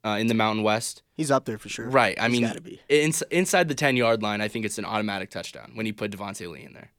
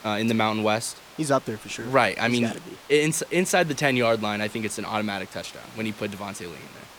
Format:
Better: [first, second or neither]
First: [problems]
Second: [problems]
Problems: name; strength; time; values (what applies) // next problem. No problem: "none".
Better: first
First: none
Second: hiss; noticeable; throughout; 20 dB below the speech